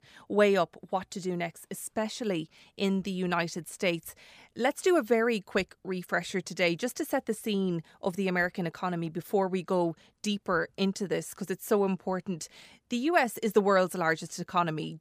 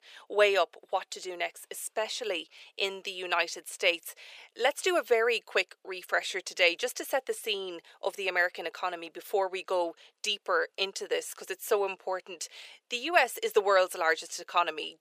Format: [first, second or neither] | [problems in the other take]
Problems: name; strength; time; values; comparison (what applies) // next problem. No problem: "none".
first | thin; very; fading below 450 Hz